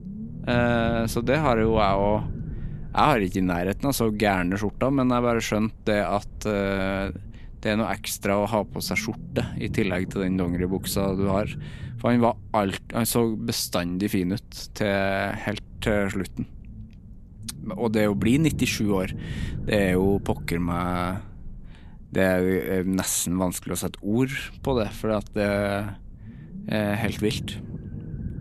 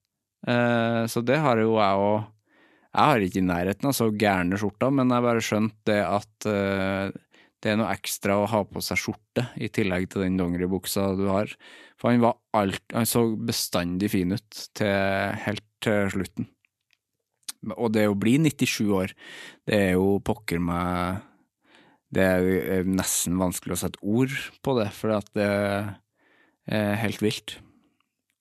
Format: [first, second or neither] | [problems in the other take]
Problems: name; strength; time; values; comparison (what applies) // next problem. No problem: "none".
second | low rumble; faint; throughout; 20 dB below the speech